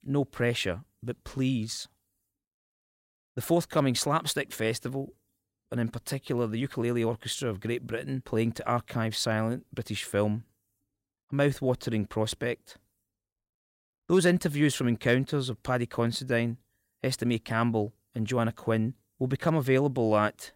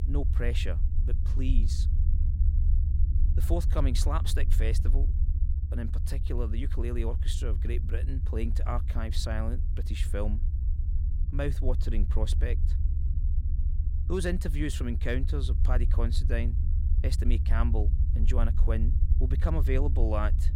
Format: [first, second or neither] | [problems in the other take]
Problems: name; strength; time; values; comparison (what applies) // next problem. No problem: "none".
first | low rumble; loud; throughout; 10 dB below the speech